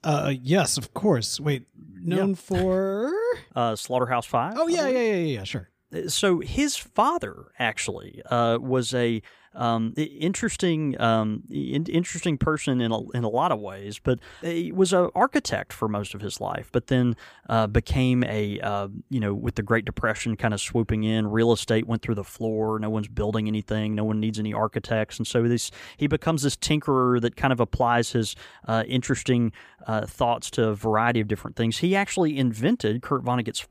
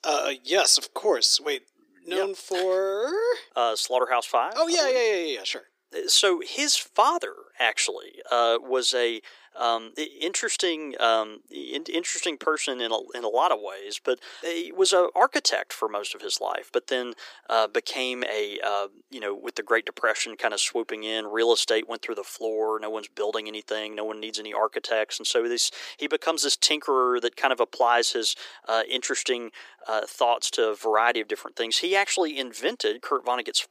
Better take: first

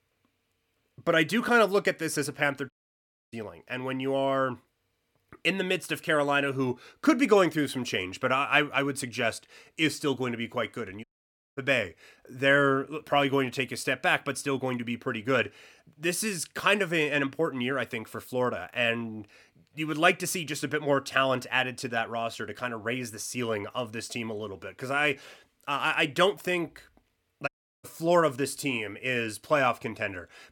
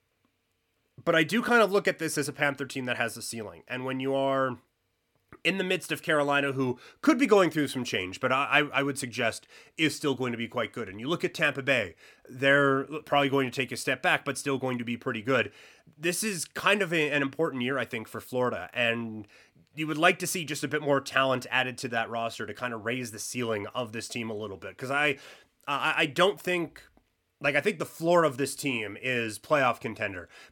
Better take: second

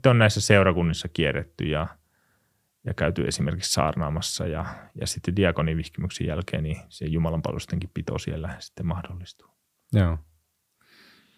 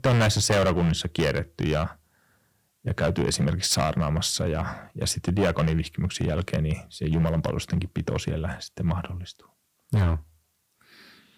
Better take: first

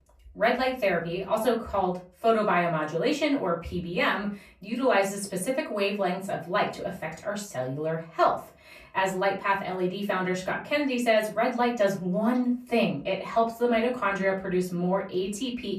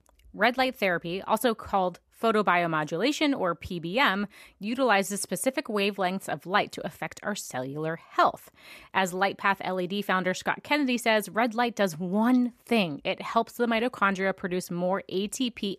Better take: second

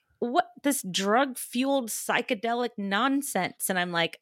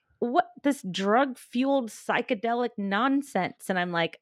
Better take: first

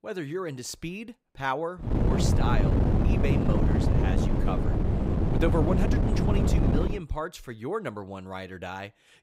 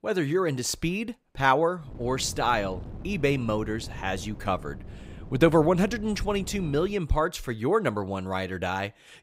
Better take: second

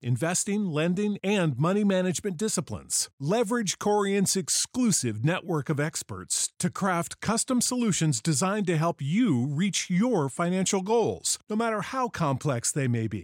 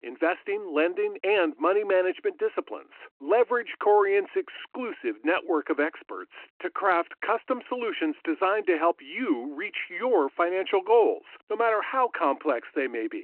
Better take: first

